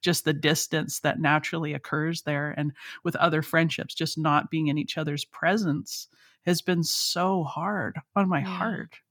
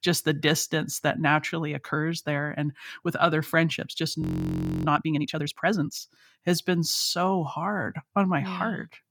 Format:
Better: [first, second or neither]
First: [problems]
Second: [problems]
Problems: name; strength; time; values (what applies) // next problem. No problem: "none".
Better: first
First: none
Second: audio freezing; at 4 s for 0.5 s